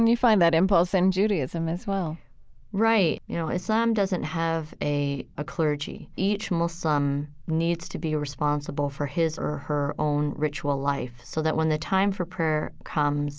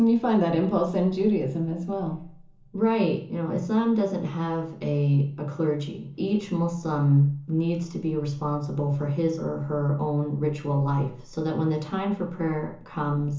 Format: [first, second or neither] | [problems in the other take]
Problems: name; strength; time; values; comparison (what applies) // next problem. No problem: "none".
first | room echo; dies away in 0.7 s